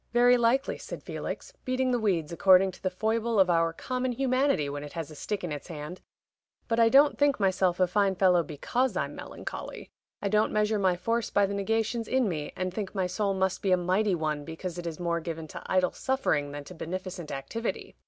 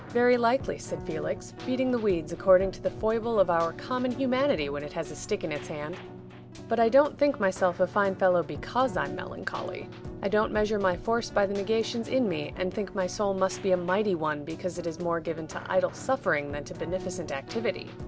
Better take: first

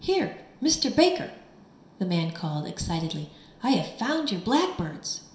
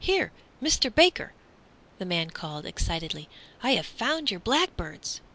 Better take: second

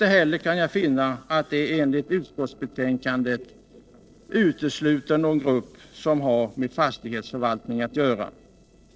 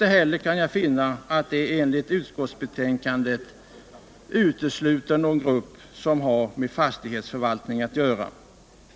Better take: second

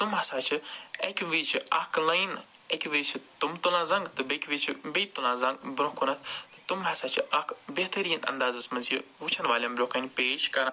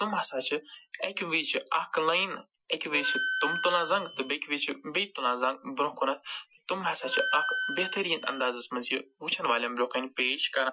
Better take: first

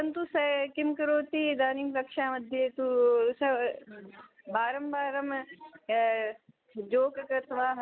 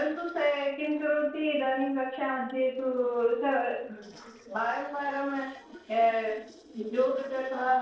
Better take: first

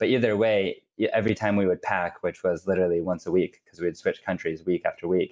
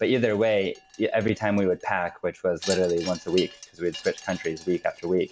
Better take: first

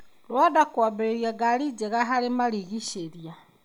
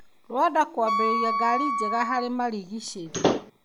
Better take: first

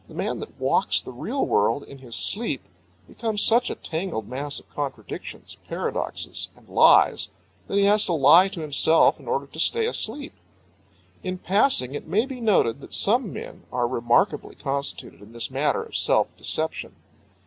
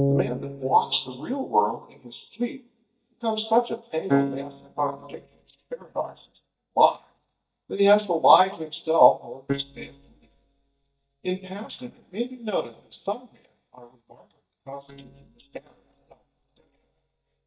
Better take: first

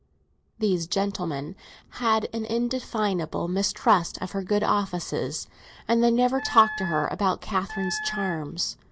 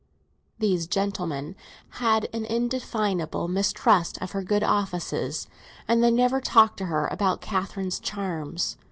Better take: second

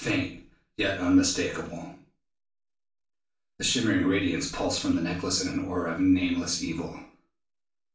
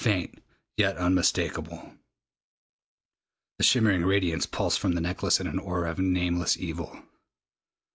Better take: second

